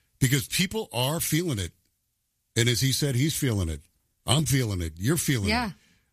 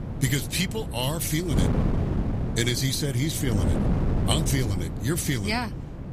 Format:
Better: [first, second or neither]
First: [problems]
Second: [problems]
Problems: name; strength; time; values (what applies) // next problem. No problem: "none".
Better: first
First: none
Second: wind noise on the microphone; heavy; 7 dB below the speech